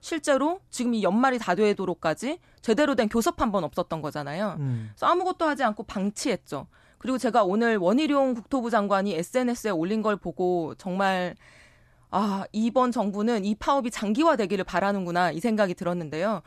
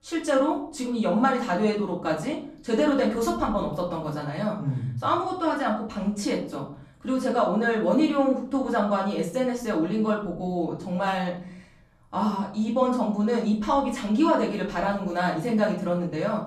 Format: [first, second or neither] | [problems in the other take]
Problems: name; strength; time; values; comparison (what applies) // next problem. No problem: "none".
first | off-mic speech; far // room echo; slight; dies away in 0.7 s